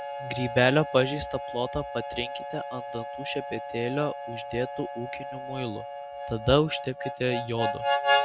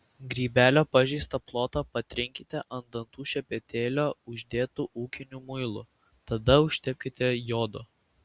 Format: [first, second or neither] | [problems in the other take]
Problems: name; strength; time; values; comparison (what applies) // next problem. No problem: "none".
second | background sound (Harmonica); 3 dB below the speech